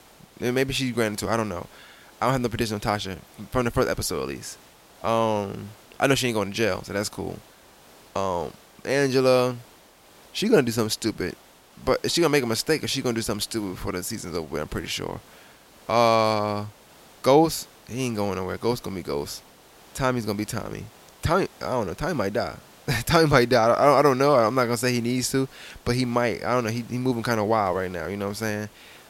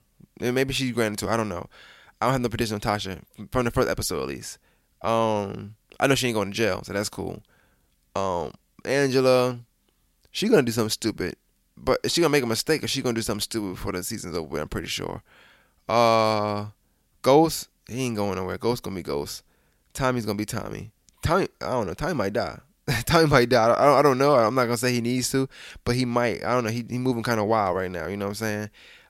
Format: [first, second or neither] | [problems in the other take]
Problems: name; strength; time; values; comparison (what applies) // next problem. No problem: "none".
second | hiss; faint; throughout; 25 dB below the speech